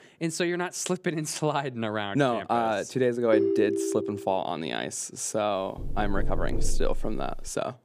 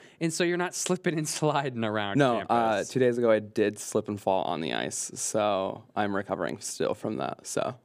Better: second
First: phone ringing; loud; at 3.5 s; peak 4 dB above the speech // door banging; noticeable; from 6 s on; peak 5 dB below the speech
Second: none

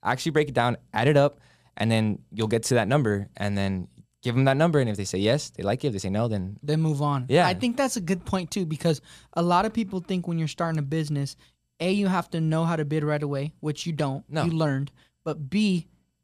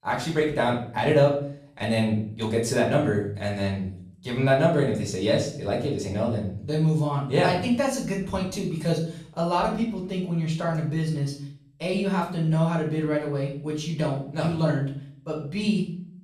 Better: first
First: none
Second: room echo; slight; dies away in 0.5 s // off-mic speech; far

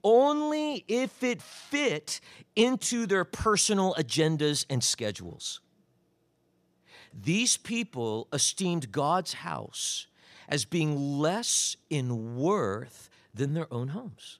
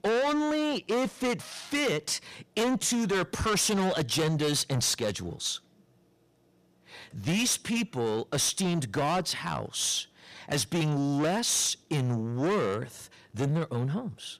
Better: first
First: none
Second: distortion; heavy; 6 dB below the speech

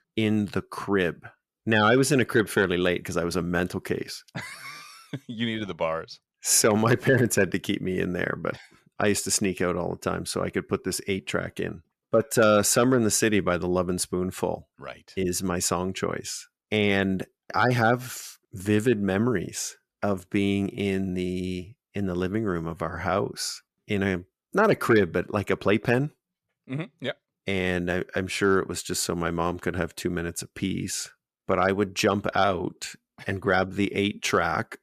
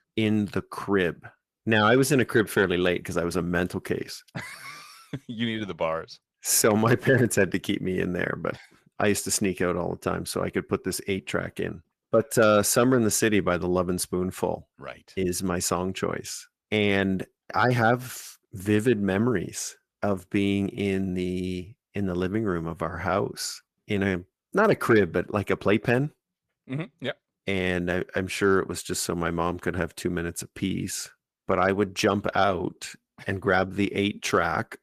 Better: first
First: none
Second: garbled, watery; slightly; nothing above 14.5 kHz

